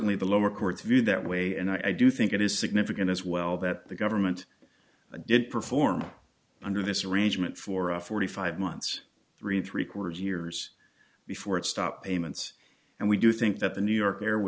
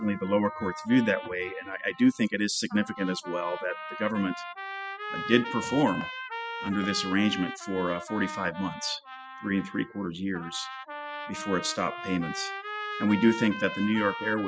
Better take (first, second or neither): first